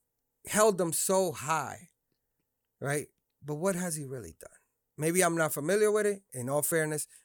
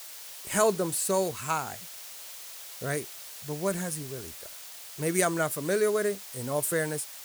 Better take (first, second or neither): first